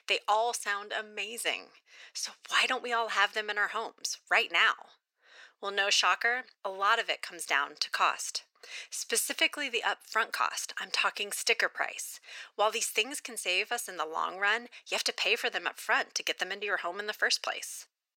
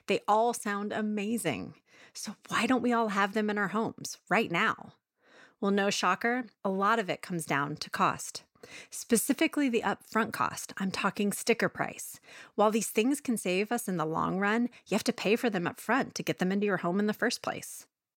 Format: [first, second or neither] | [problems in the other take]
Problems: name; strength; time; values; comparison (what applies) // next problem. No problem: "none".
second | thin; very; fading below 500 Hz